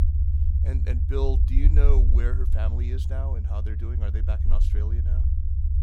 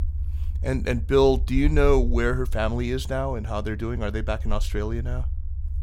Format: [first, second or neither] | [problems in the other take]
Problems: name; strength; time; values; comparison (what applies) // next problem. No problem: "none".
second | low rumble; loud; throughout; 5 dB below the speech; faint in the second